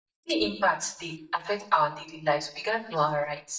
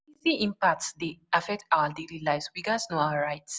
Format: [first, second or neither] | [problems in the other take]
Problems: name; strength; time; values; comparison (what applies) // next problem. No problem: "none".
second | noise reduction (neural mask model DeepFilterNet 3)